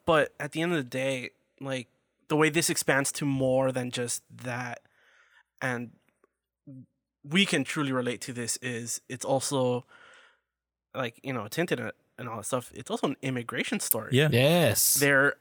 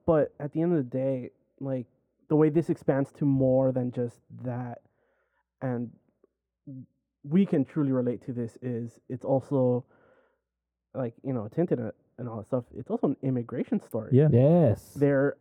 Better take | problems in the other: first | muffled; very; fading above 1.5 kHz

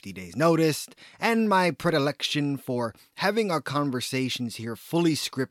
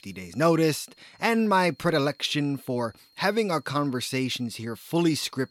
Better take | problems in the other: first | high-pitched whine; faint; throughout; 4 kHz, 35 dB below the speech

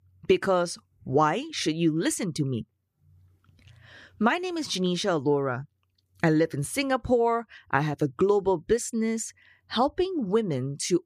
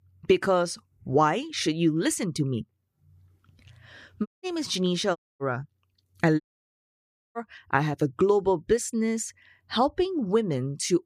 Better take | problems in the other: first | audio cutting out; at 4.5 s, at 5 s and at 6.5 s for 1 s

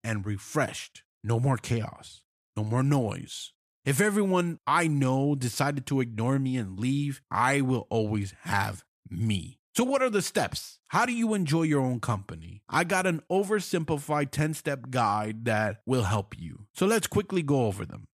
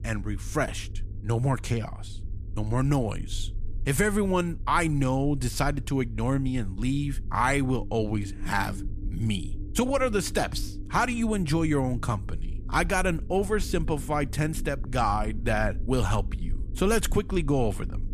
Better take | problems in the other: first | low rumble; faint; throughout; 20 dB below the speech

